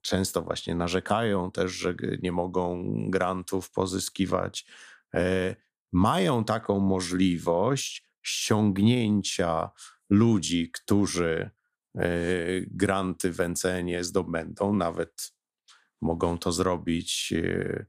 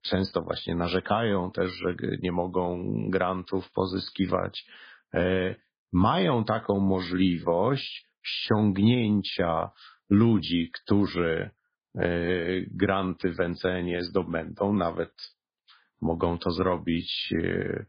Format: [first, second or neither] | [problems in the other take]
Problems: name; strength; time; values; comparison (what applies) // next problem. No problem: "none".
first | garbled, watery; badly